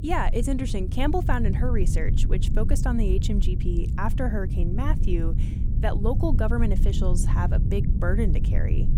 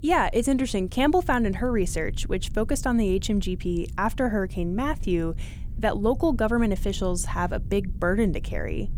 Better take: second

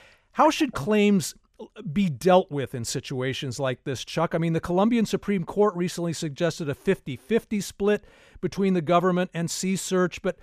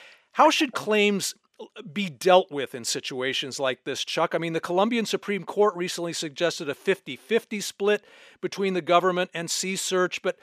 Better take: first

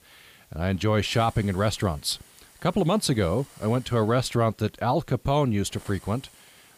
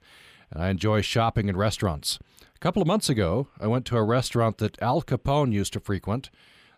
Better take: second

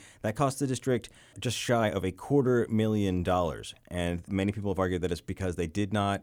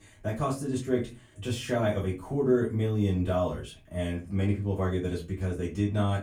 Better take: first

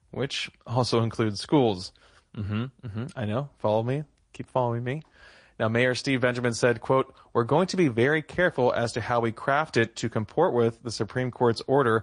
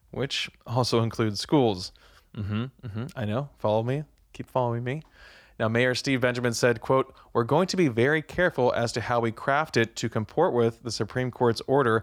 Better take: second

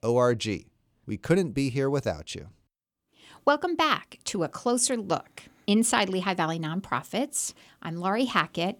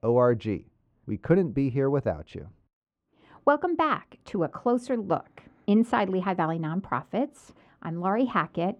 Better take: first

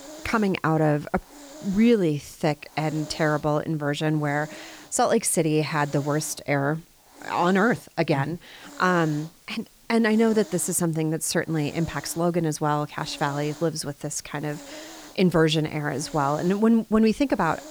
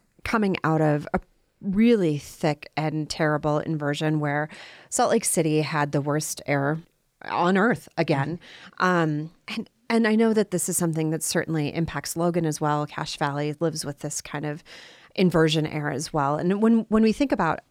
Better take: second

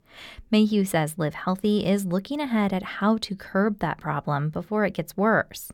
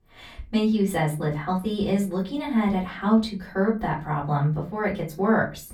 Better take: first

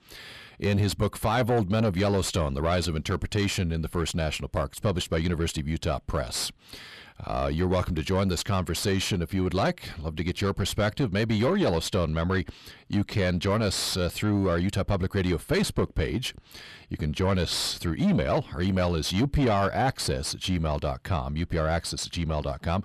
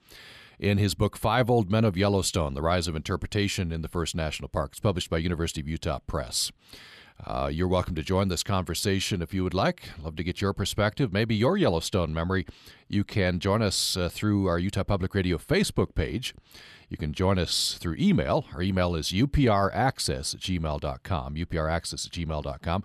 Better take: second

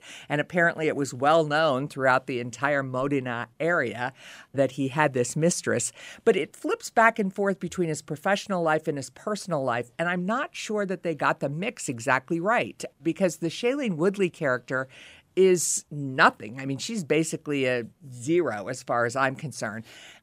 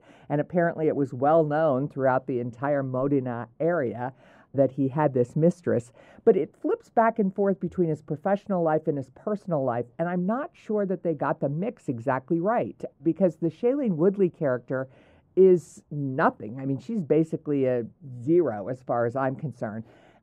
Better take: first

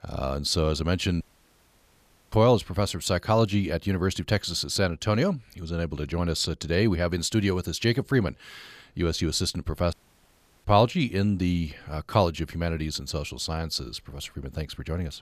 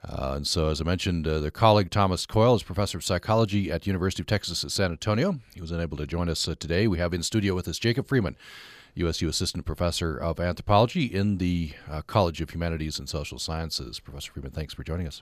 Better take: second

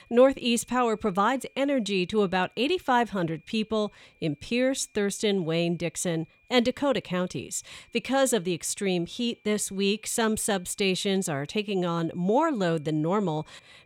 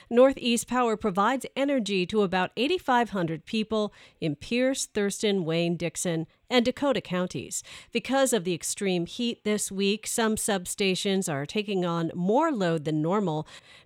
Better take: second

